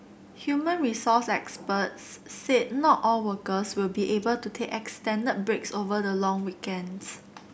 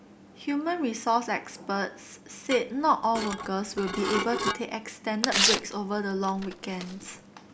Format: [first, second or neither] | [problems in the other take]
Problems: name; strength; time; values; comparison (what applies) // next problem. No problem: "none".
first | background sound (Tearing + Dishes, pots, and pans / Glass); 3 dB below the speech